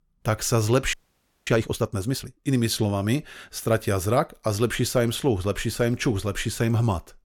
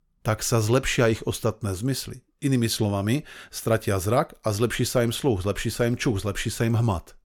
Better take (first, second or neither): second